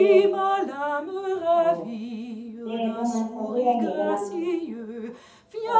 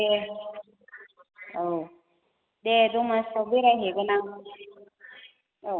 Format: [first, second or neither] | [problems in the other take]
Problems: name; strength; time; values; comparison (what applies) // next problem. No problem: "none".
second | background sound (Drip); 5 dB above the speech // room echo; dies away in 0.6 s